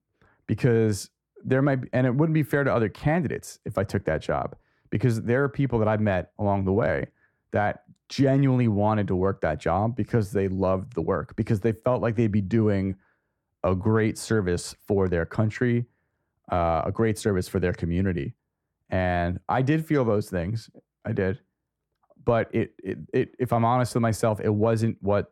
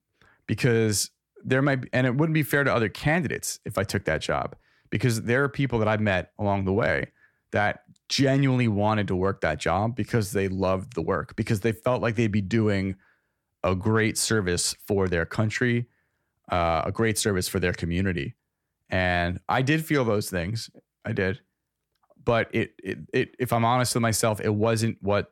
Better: second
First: muffled; slightly; fading above 1.5 kHz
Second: none

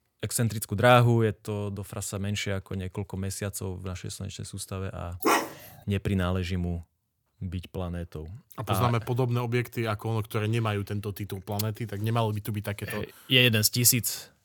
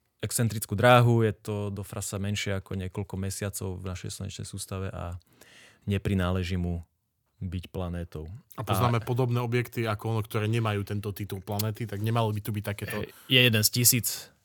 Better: second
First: dog barking; loud; at 5 s; peak 3 dB above the speech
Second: none

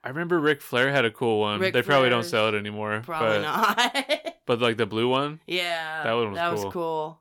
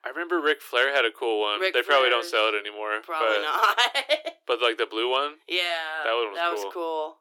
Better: first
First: none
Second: thin; very; fading below 300 Hz

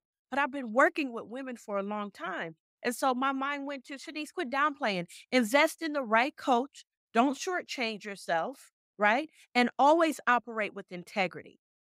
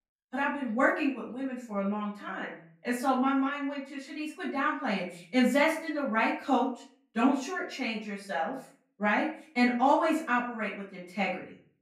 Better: first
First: none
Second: off-mic speech; far // room echo; noticeable; dies away in 0.4 s

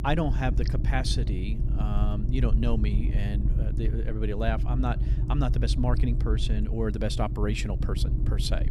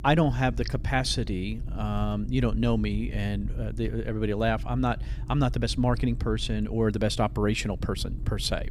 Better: second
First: low rumble; loud; throughout; 9 dB below the speech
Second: low rumble; faint; throughout; 20 dB below the speech

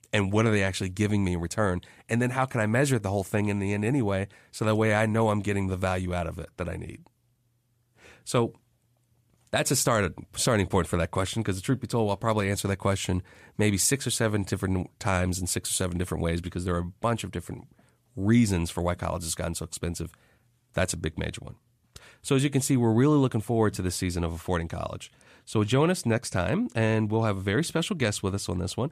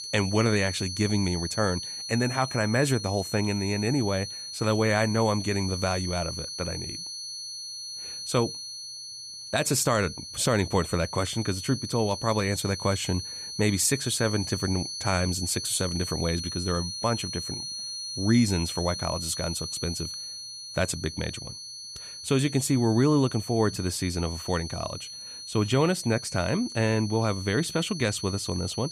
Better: first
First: none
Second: high-pitched whine; loud; throughout; 4.5 kHz, 7 dB below the speech

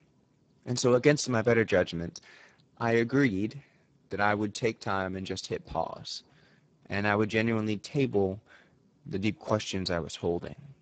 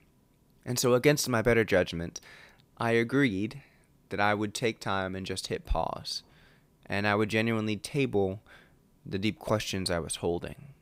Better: second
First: garbled, watery; badly; nothing above 7.5 kHz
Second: none

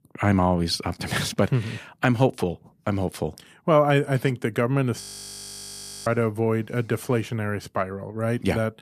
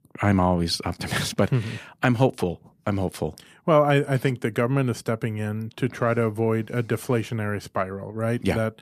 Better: second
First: audio freezing; at 5 s for 1 s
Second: none

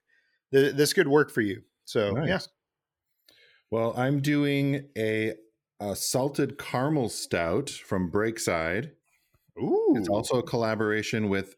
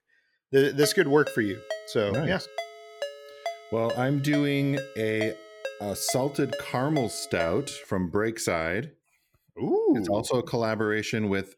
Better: first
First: none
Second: phone ringing; noticeable; from 1 to 7.5 s; peak 9 dB below the speech

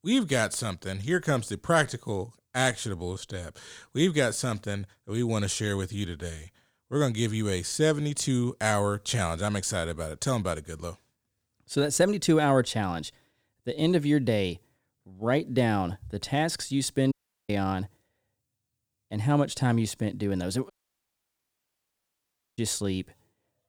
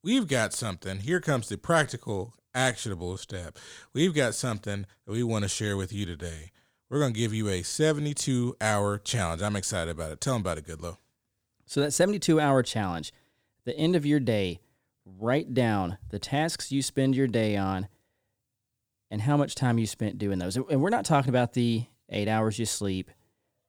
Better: second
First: audio cutting out; at 17 s and at 21 s for 2 s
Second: none

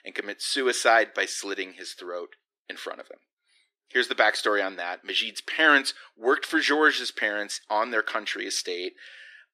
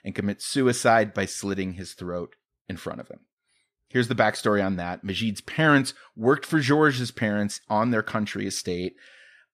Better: second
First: thin; somewhat; fading below 300 Hz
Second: none

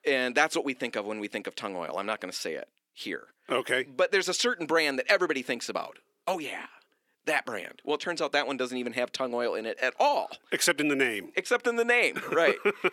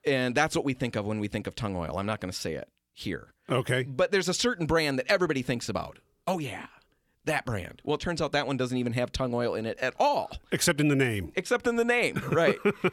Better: second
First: thin; very slightly; fading below 300 Hz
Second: none

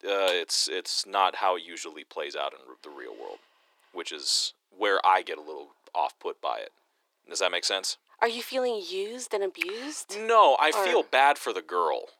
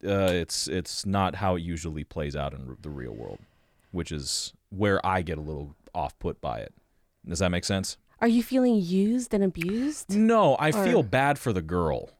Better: second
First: thin; very; fading below 350 Hz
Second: none

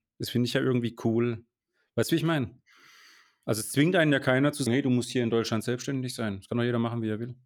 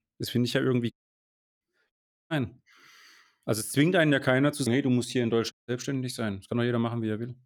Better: first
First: none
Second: audio cutting out; at 1 s for 0.5 s, at 2 s and at 5.5 s

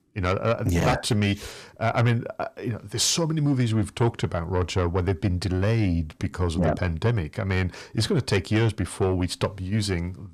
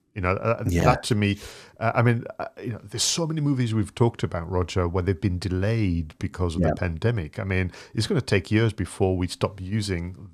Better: second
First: distortion; slight; 10 dB below the speech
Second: none

